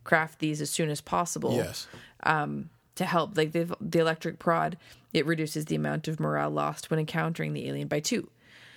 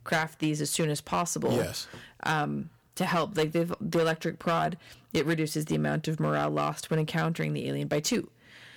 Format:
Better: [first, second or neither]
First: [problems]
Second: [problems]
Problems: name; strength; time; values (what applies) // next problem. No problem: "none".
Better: first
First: none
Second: distortion; slight; 6% of the sound clipped